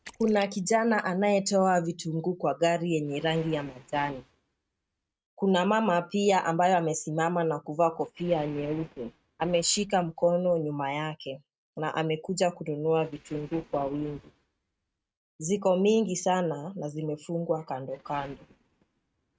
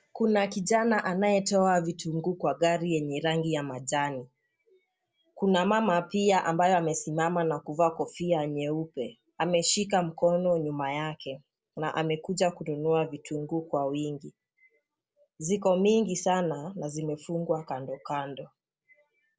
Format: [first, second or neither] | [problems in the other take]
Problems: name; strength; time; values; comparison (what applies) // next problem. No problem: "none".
second | noise reduction (neural mask model RNNoise)